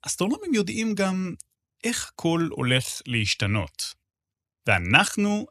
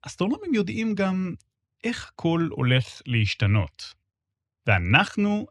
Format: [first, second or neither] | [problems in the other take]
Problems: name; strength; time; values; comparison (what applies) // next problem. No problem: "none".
first | muffled; slightly; fading above 3.5 kHz